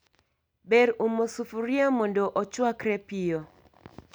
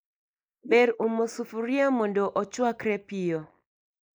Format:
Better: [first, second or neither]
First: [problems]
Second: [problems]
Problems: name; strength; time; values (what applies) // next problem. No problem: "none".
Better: first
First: none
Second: noise reduction (neural mask model Resemble Enhance denoiser)